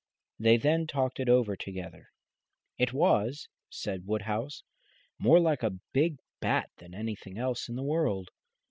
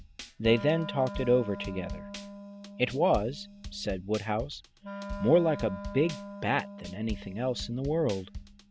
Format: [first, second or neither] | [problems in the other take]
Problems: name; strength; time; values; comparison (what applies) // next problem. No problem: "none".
first | background sound (Wind instrument, woodwind instrument + Drum kit); 11 dB below the speech